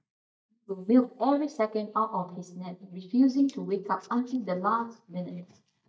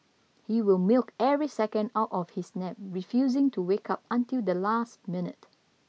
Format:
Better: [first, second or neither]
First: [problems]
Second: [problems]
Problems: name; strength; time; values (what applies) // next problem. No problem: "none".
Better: second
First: noise reduction (neural mask model DeepFilterNet 3)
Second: none